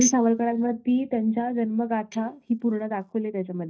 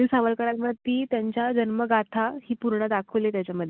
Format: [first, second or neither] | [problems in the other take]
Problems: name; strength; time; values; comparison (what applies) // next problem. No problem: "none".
second | noise reduction (neural mask model DeepFilterNet 3)